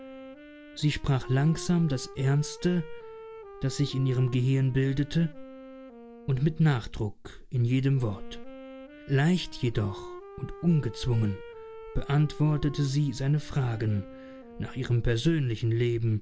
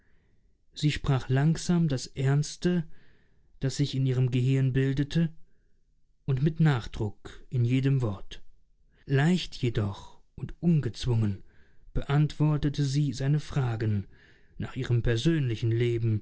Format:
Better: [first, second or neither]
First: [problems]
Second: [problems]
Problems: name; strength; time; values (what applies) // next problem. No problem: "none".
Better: second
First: background sound (Wind instrument, woodwind instrument); 18 dB below the speech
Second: none